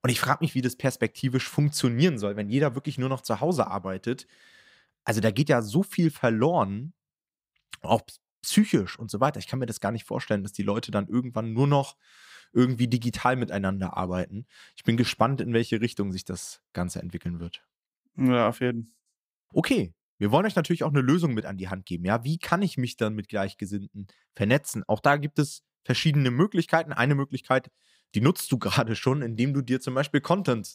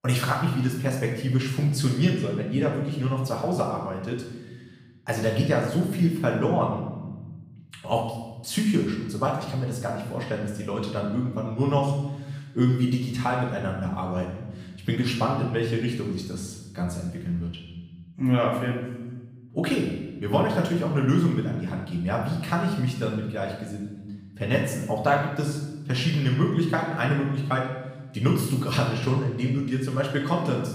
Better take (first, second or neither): first